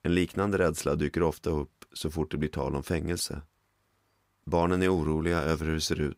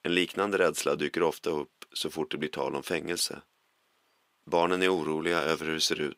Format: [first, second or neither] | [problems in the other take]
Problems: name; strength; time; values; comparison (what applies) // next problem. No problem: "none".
first | thin; somewhat; fading below 300 Hz